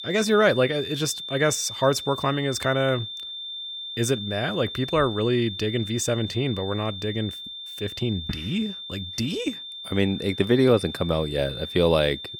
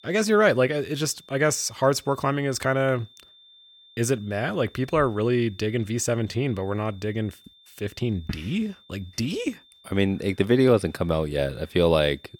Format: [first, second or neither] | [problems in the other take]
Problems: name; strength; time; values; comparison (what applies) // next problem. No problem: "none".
second | high-pitched whine; loud; throughout; 3.5 kHz, 9 dB below the speech; faint in the second